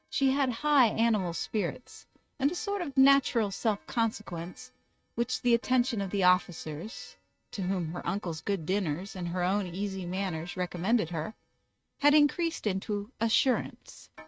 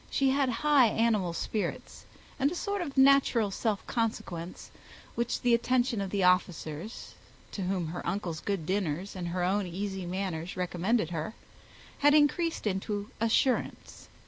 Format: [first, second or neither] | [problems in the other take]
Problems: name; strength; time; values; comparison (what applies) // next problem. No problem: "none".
second | noise reduction (neural mask model RNNoise)